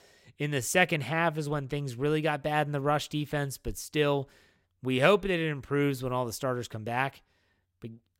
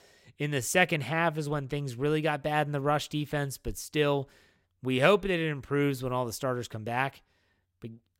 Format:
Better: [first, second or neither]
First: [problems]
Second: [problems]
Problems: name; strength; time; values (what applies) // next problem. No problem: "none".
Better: neither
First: none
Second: none